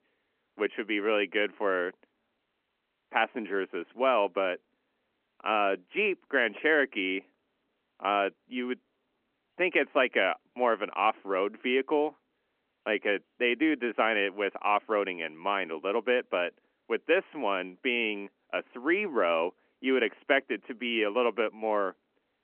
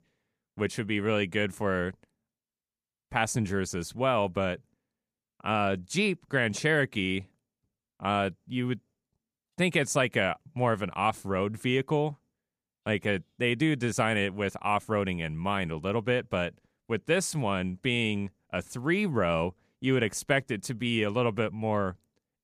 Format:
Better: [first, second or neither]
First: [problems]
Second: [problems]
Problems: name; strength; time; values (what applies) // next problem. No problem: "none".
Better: second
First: phone-call audio; nothing above 3 kHz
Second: none